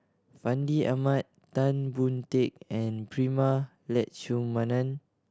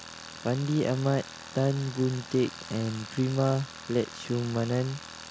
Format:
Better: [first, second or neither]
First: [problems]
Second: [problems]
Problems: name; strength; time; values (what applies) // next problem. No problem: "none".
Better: first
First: none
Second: background sound (Tools); 15 dB below the speech